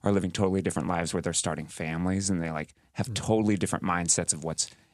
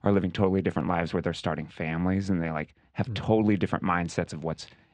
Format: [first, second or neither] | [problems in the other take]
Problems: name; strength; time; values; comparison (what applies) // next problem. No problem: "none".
first | muffled; very; fading above 3 kHz